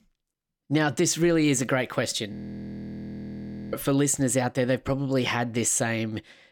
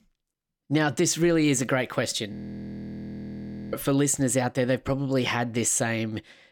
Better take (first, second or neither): neither